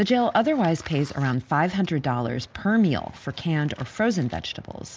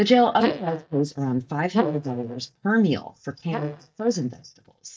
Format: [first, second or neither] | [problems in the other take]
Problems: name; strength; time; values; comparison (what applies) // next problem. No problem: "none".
first | noise reduction (neural mask model DeepFilterNet 3)